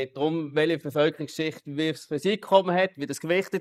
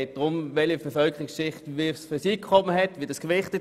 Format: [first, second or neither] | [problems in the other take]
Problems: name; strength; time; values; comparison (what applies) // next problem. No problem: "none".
second | noise reduction (neural mask model Resemble Enhance denoiser)